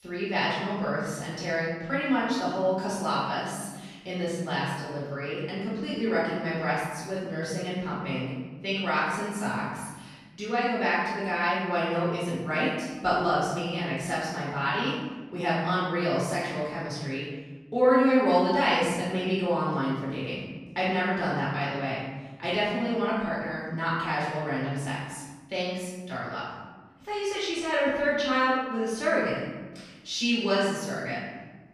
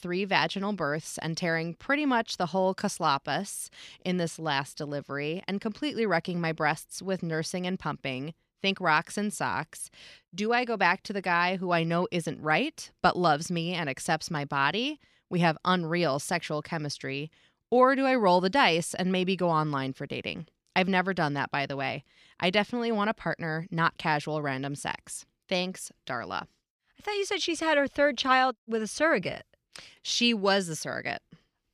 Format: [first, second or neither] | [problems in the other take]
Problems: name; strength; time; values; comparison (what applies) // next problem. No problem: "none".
second | off-mic speech; far // room echo; strong; dies away in 1.2 s